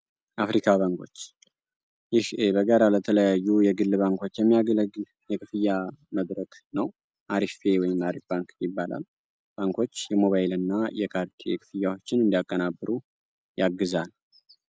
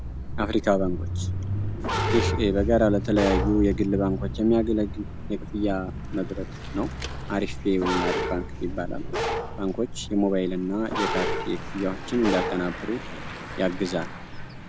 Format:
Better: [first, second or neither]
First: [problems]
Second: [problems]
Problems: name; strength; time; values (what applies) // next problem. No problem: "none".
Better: first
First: none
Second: background sound (Mechanisms / Bicycle + Bark); 3 dB below the speech